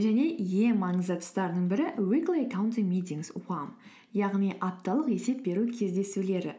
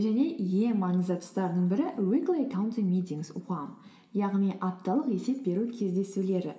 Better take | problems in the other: first | room echo; dies away in 2.7 s

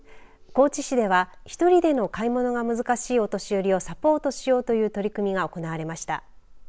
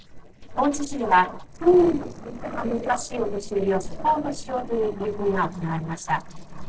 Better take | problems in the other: first | noise reduction (neural separator model SepFormer DNS4)

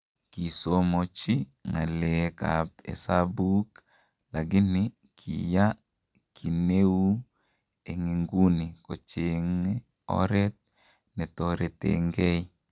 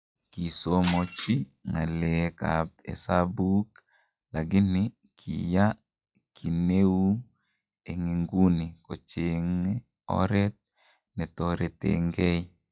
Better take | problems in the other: first | noise reduction (classical method log-MMSE)

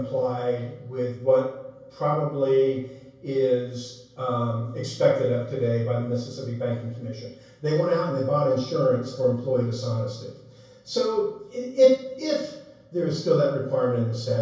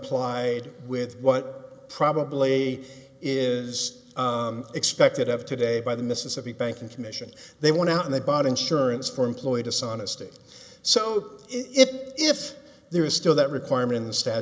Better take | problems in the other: second | room echo; dies away in 0.6 s

